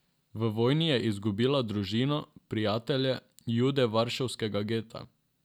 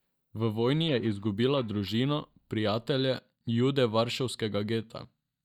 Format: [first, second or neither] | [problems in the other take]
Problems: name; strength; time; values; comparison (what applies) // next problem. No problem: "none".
first | noise reduction (neural mask model DeepFilterNet 3)